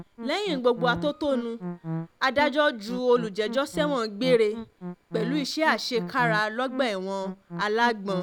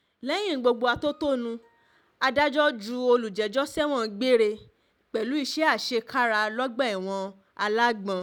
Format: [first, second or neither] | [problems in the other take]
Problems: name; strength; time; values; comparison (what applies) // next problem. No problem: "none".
second | background sound (Musical instrument); 10 dB below the speech